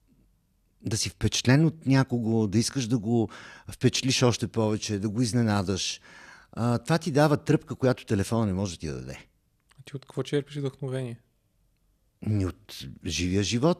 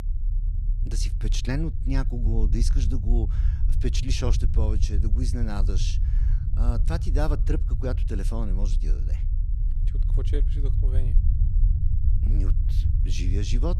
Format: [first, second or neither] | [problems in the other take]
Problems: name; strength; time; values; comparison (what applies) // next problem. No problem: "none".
first | low rumble; loud; throughout; 8 dB below the speech